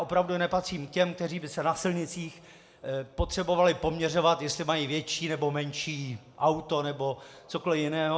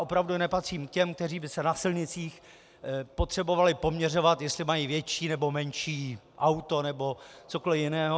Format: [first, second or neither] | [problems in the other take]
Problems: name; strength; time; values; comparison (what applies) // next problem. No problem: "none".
second | room echo; dies away in 0.6 s